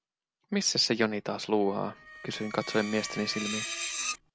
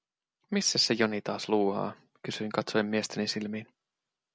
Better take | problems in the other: second | background sound (Screech); 8 dB below the speech

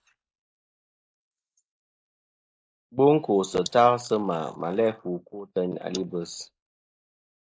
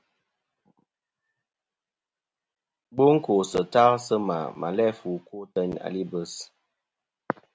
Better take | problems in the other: second | noise reduction (neural mask model Resemble Enhance denoiser)

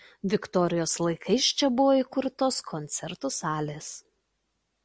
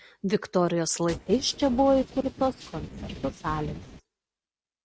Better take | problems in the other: first | noise reduction (neural mask model RNNoise)

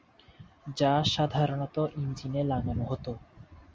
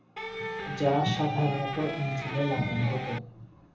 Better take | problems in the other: first | background sound (Electric guitar); 6 dB below the speech // room echo; dies away in 0.8 s

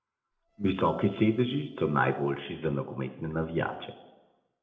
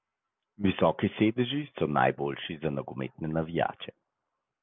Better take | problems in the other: second | noise reduction (neural separator model SepFormer DNS4)

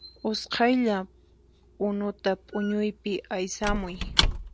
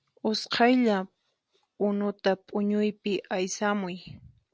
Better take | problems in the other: second | background sound (Squeak / Wood); 5 dB below the speech

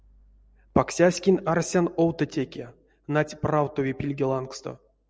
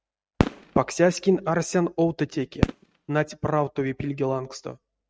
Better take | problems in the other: first | noise reduction (neural mask model RNNoise)

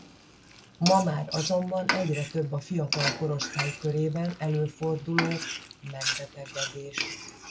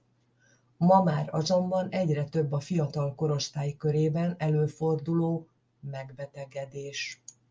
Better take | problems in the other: second | background sound (Frying (food)); 5 dB below the speech

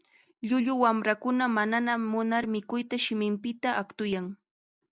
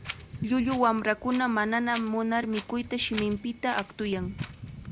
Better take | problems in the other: first | background sound (Wind); 13 dB below the speech

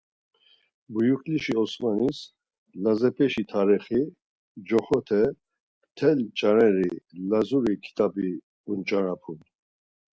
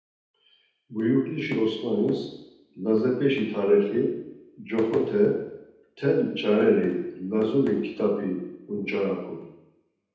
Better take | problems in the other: first | room echo; dies away in 0.9 s

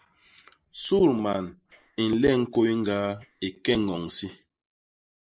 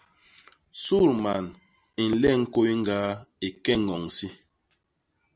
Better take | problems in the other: second | noise reduction (neural mask model Resemble Enhance denoiser)

